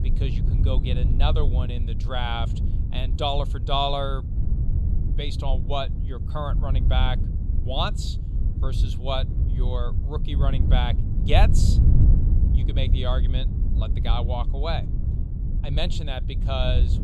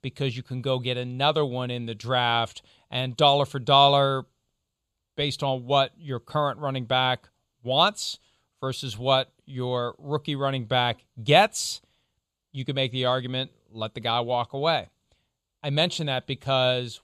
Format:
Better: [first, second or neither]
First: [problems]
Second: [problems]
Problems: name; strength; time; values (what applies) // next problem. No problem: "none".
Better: second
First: wind noise on the microphone; heavy; 10 dB below the speech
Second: none